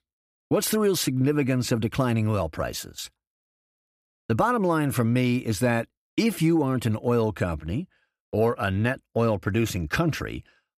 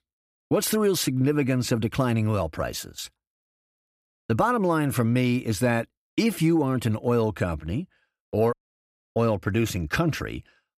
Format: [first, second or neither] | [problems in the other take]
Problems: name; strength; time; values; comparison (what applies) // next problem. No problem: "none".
first | audio cutting out; at 8.5 s for 0.5 s